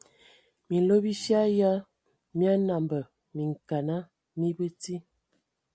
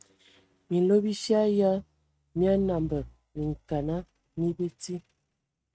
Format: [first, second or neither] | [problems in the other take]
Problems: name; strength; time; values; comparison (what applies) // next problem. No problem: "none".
first | noise reduction (neural mask model RNNoise)